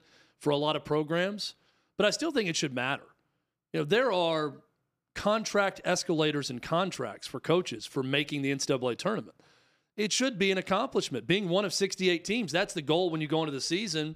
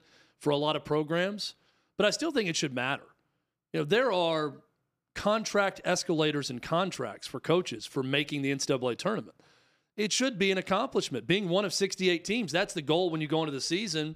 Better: neither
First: none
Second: none

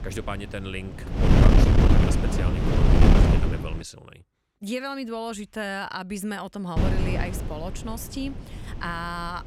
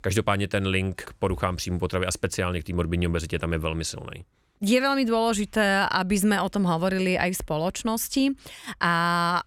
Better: second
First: wind noise on the microphone; heavy; until 4 s and from 7 s on; 4 dB above the speech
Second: none

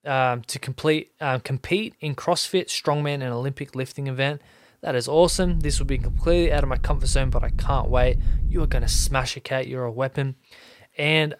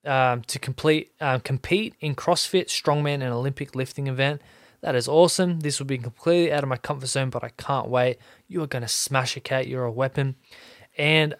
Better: second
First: low rumble; faint; from 5.5 to 9 s; 20 dB below the speech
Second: none

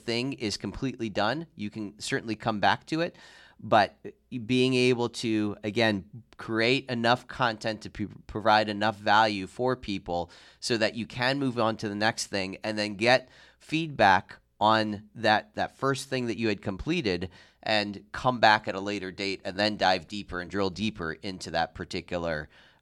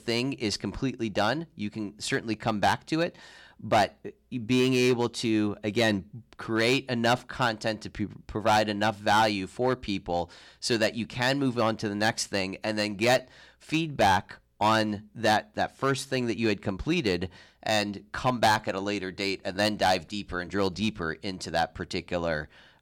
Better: first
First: none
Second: distortion; slight; 3% of the sound clipped

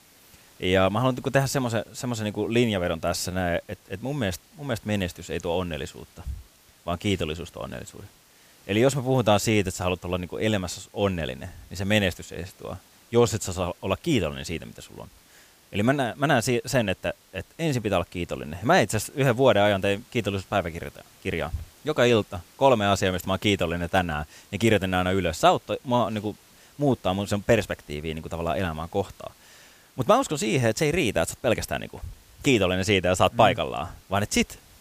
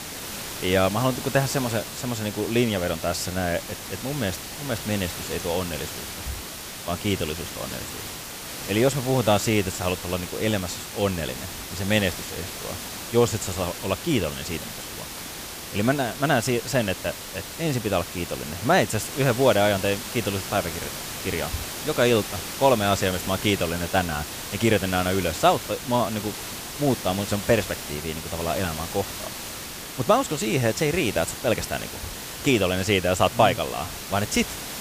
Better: first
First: hiss; faint; throughout; 30 dB below the speech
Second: hiss; loud; throughout; 8 dB below the speech

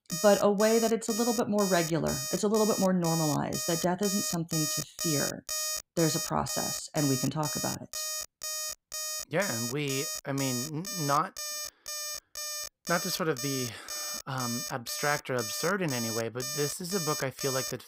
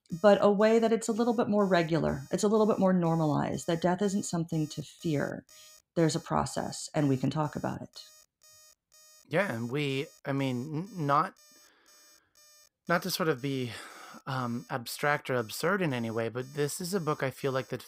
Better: second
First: alarms or sirens; loud; throughout; 3 dB below the speech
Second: alarms or sirens; faint; throughout; 25 dB below the speech

